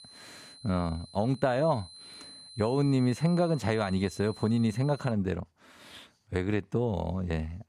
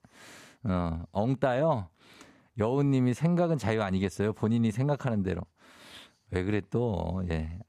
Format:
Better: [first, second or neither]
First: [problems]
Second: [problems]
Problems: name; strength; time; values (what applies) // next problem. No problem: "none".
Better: second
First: high-pitched whine; noticeable; until 5 s; 4 kHz, 20 dB below the speech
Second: none